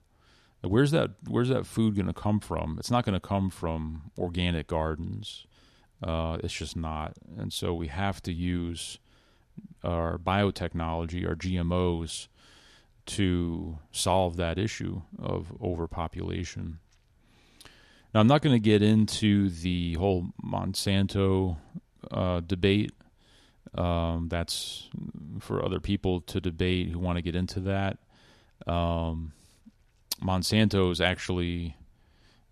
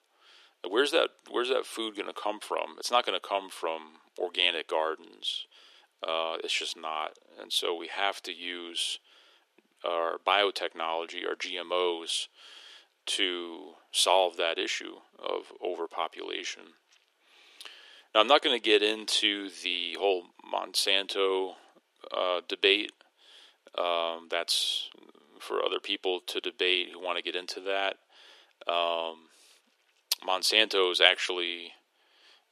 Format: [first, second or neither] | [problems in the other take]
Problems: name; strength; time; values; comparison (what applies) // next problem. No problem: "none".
first | thin; very; fading below 350 Hz